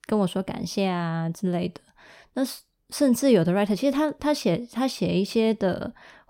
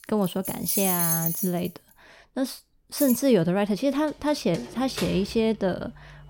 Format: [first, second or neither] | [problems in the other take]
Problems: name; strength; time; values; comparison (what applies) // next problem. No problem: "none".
first | household noises; loud; throughout; 1 dB below the speech